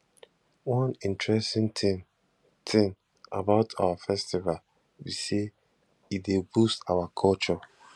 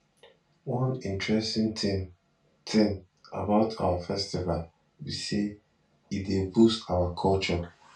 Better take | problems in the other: first | room echo; dies away in 0.2 s

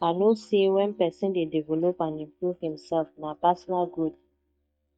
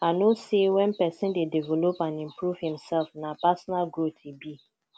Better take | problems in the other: second | noise reduction (neural mask model DeepFilterNet 3)

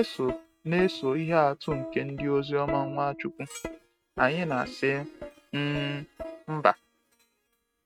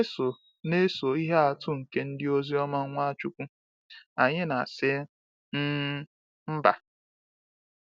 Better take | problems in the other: second | noise reduction (neural mask model RNNoise)

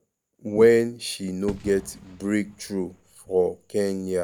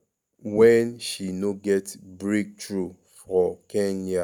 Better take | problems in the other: second | background sound (Fireworks); 19 dB below the speech

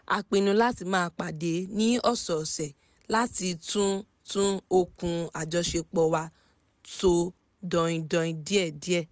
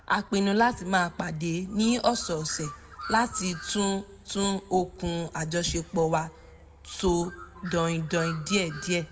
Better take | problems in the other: first | background sound (Bird); 17 dB below the speech // room echo; dies away in 0.3 s

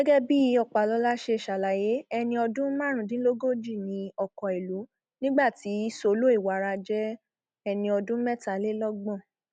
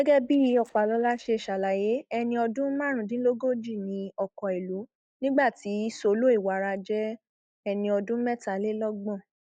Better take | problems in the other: first | noise reduction (neural mask model DeepFilterNet 3)

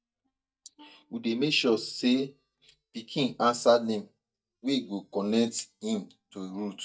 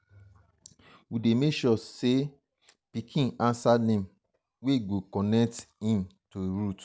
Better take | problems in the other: second | noise reduction (neural mask model DeepFilterNet 3)

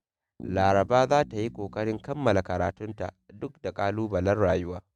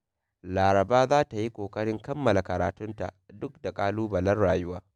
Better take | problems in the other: second | noise reduction (neural mask model RNNoise)

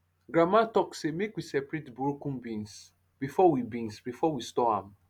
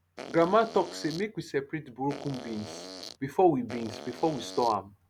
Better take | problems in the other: first | background sound (Fart); 13 dB below the speech

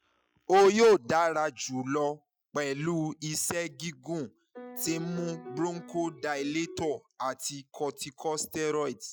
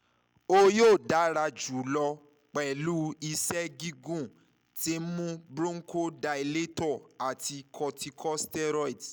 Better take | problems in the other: second | noise reduction (classical method Wiener filter)

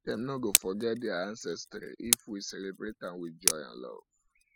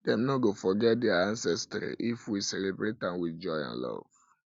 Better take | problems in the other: second | noise reduction (classical method spectral subtraction)

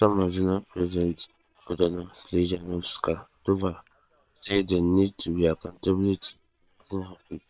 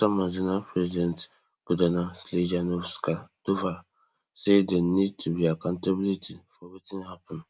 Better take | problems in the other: second | noise reduction (neural separator model SepFormer WHAM!)

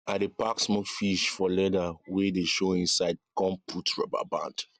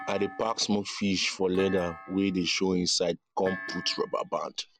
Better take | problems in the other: first | background sound (Thump, thud); 15 dB below the speech

